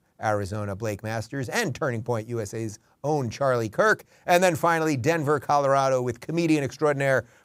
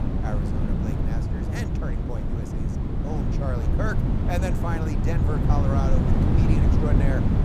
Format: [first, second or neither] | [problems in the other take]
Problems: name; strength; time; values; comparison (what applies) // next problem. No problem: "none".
first | wind noise on the microphone; heavy; 1 dB above the speech